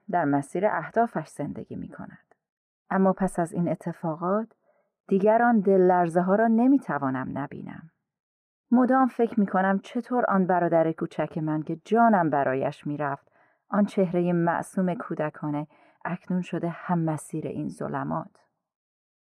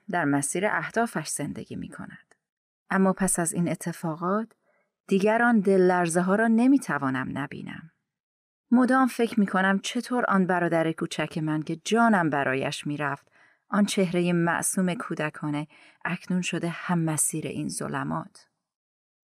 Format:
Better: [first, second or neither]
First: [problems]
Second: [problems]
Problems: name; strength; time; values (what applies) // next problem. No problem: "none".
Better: second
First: muffled; very; fading above 2 kHz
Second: none